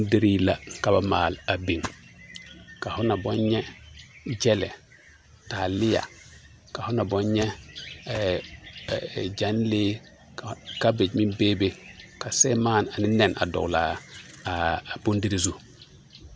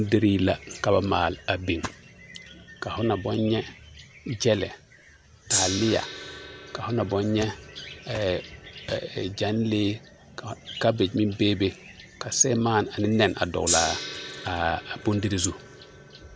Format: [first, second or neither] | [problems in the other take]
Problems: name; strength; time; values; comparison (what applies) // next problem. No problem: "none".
first | background sound (Gong); 11 dB below the speech